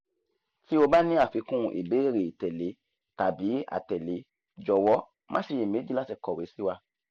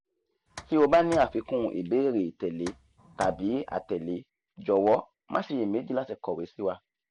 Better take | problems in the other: first | background sound (Tick); 18 dB below the speech

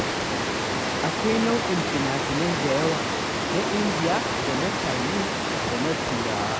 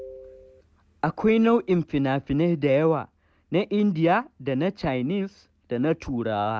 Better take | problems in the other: second | background sound (Water); 3 dB above the speech

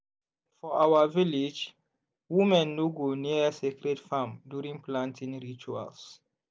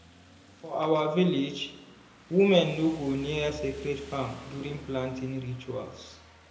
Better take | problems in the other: first | background sound (Rain); 20 dB below the speech // room echo; dies away in 0.7 s

